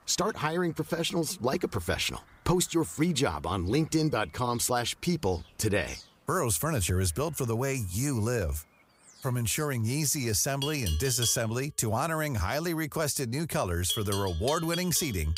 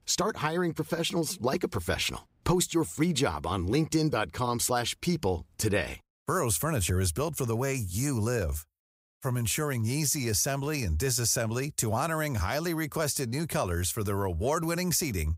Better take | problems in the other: second | animal sounds; loud; throughout; 10 dB below the speech

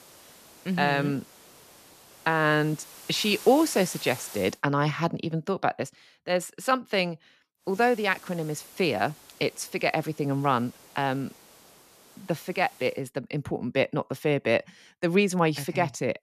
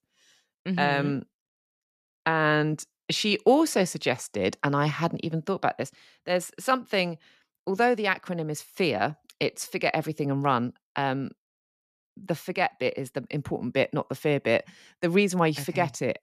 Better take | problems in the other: second | hiss; noticeable; until 4.5 s and from 7.5 to 13 s; 20 dB below the speech

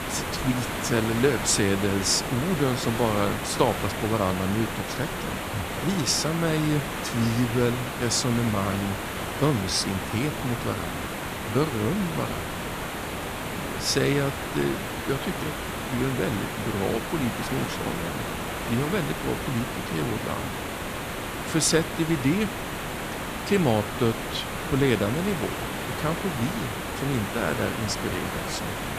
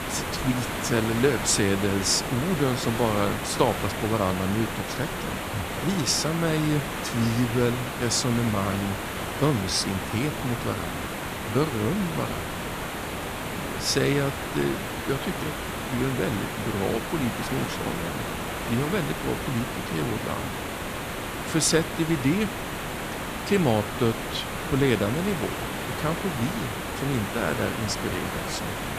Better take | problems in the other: neither | hiss; loud; throughout; 4 dB below the speech; the same in both

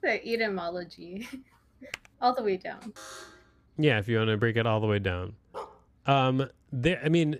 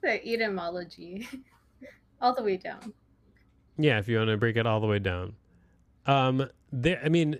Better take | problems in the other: second | keyboard typing; very faint; at 2 s; peak 15 dB below the speech // alarm; faint; at 3 s; peak 15 dB below the speech // dog barking; faint; at 5.5 s; peak 15 dB below the speech

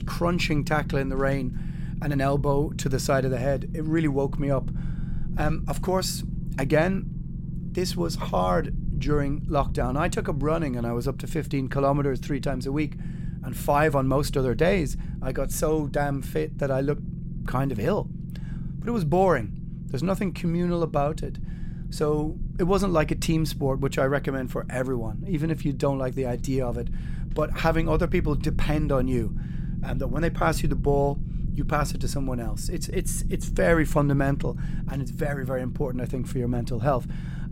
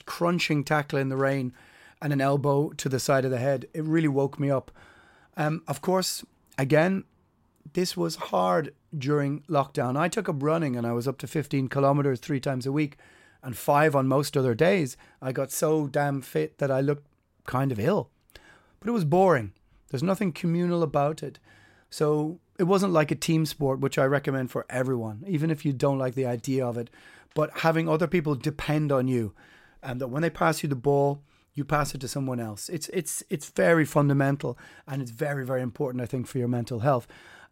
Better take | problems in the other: second | low rumble; noticeable; throughout; 15 dB below the speech

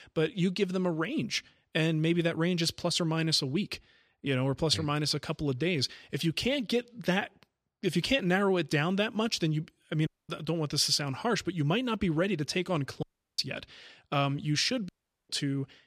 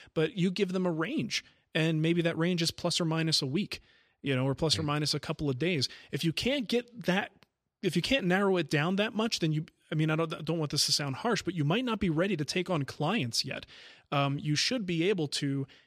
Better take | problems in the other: second | audio cutting out; at 10 s, at 13 s and at 15 s

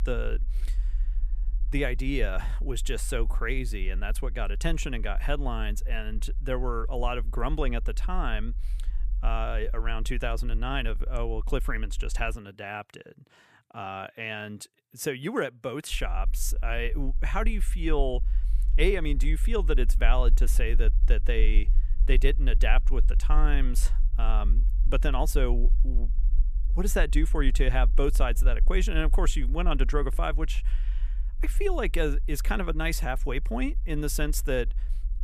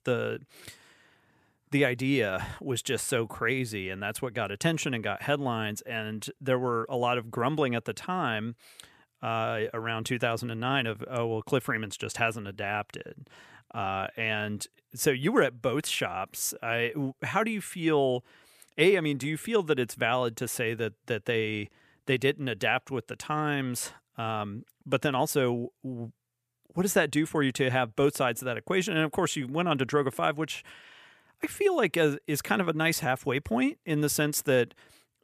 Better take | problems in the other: second | low rumble; faint; until 12 s and from 16 s on; 20 dB below the speech

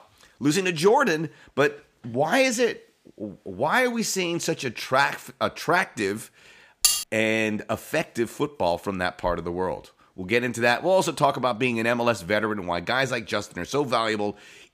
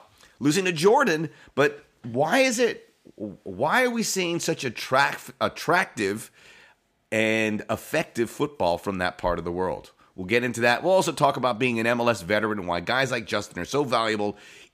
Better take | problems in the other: second | clattering dishes; loud; at 7 s; peak 4 dB above the speech

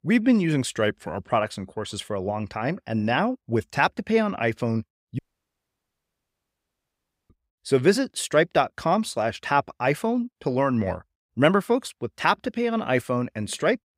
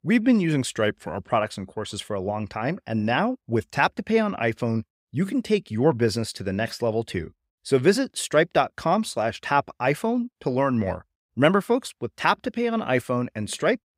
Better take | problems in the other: second | audio cutting out; at 5 s for 2 s

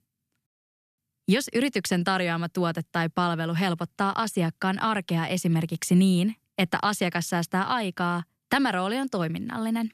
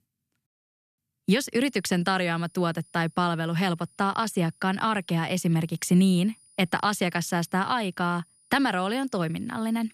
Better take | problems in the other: first | high-pitched whine; faint; from 1.5 s on; 9.5 kHz, 30 dB below the speech

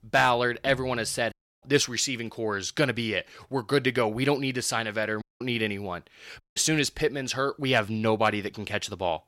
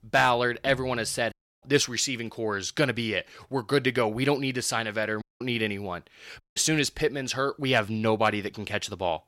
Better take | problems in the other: neither | audio cutting out; at 1.5 s, at 5 s and at 6.5 s; the same in both

